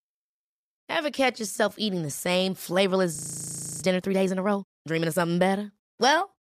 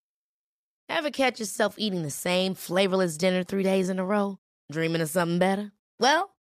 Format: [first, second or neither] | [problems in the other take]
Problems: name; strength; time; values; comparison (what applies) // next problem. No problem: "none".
second | audio freezing; at 3 s for 0.5 s